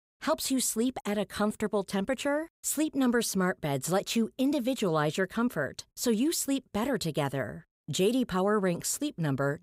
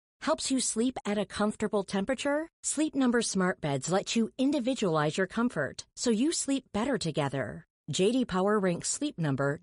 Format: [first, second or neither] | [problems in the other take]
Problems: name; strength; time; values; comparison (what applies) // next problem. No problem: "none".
first | garbled, watery; slightly; nothing above 10.5 kHz